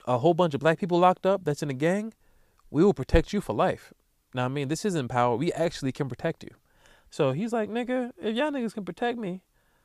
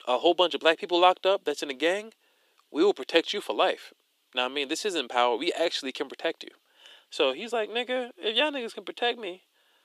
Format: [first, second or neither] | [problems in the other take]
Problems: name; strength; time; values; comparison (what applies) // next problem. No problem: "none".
first | thin; somewhat; fading below 300 Hz